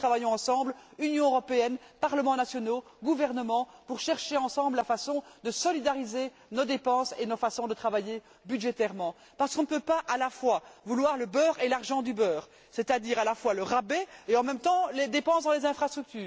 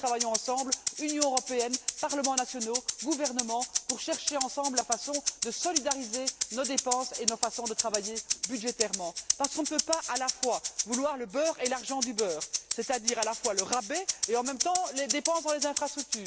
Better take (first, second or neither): first